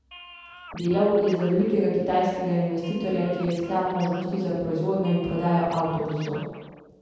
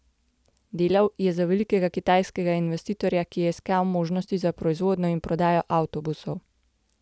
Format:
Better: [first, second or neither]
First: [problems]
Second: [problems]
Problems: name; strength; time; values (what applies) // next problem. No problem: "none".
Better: second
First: background sound (Scratching (performance technique)); 19 dB below the speech // room echo; dies away in 1.2 s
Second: none